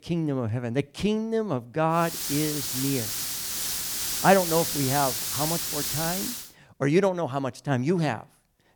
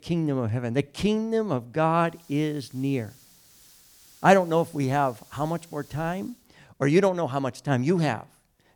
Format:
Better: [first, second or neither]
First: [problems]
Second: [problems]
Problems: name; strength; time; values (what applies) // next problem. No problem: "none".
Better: second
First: hiss; loud; from 2 to 6.5 s; 1 dB below the speech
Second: hiss; faint; from 2 to 6.5 s; 25 dB below the speech